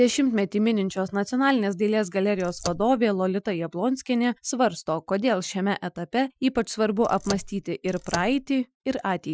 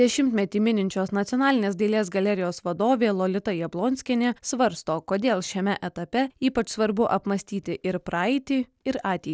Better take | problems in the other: second | noise reduction (classical method Wiener filter)

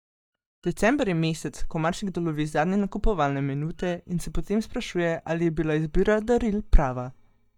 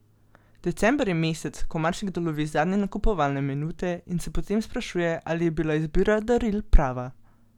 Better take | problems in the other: second | noise reduction (neural mask model DeepFilterNet 3)

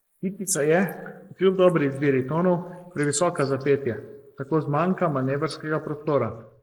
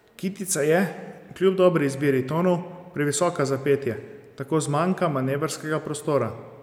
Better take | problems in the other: second | noise reduction (neural mask model Resemble Enhance denoiser)

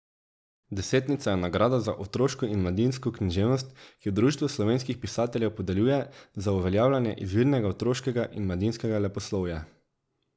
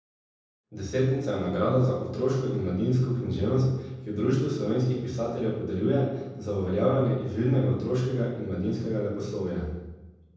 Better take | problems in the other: first | room echo; dies away in 1.1 s

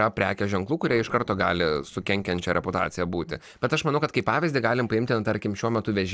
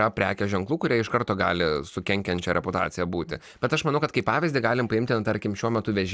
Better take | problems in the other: second | noise reduction (neural separator model SepFormer DNS4)

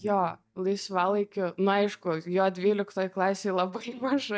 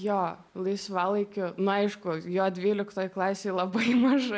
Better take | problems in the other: second | noise reduction (neural mask model DeepFilterNet 3)

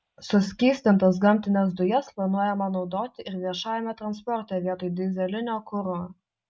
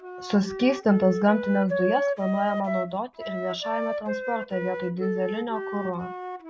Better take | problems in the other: first | background sound (Wind instrument, woodwind instrument); 5 dB below the speech

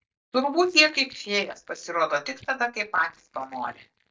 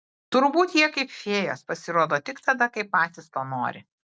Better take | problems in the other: second | noise reduction (neural mask model DeepFilterNet 3)

